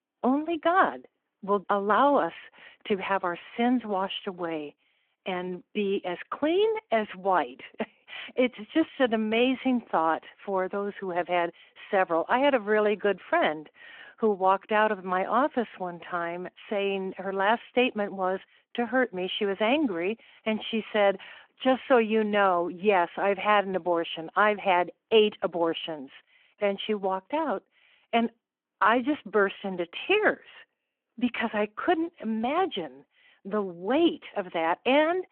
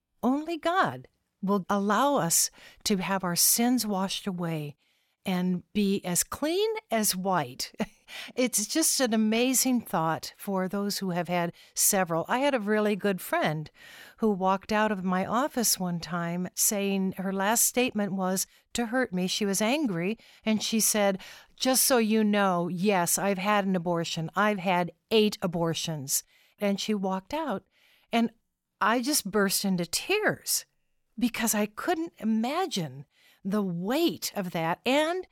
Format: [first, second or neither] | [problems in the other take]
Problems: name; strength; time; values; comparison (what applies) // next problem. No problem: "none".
second | phone-call audio